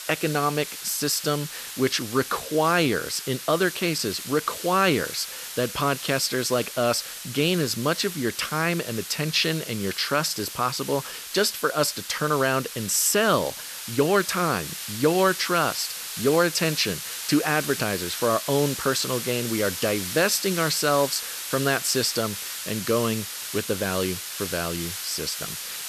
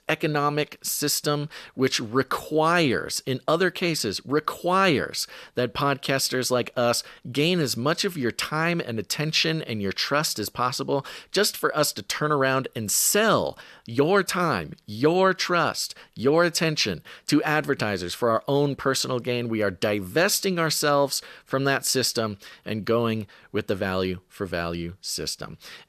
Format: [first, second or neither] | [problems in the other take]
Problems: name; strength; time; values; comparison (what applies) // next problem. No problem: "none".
second | hiss; loud; throughout; 8 dB below the speech